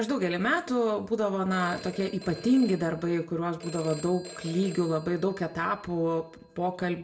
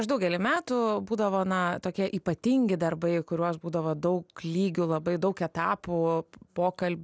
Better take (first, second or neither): second